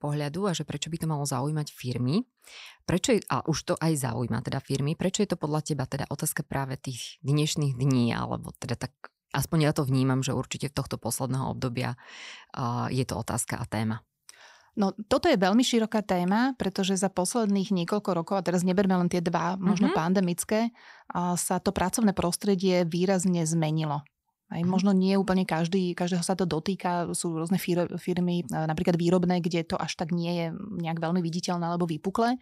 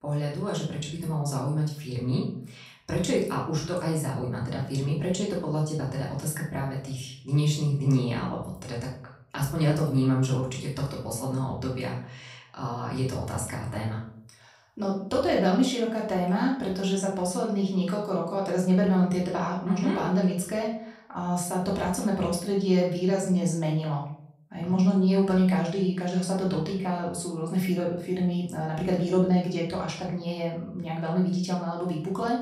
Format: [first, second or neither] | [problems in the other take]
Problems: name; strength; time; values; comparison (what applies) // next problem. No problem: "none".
first | off-mic speech; far // room echo; noticeable; dies away in 0.5 s